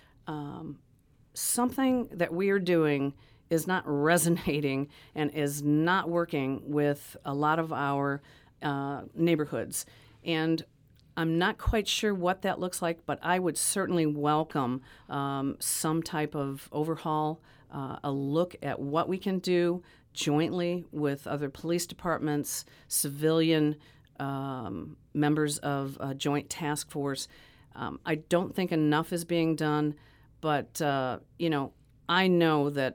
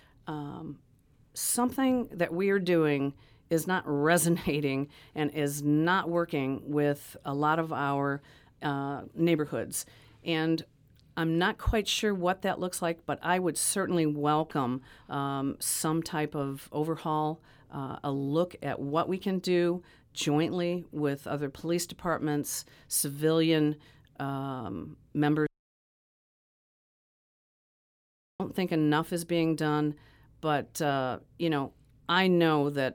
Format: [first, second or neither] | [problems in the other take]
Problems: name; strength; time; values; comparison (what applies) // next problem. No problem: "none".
first | audio cutting out; at 25 s for 3 s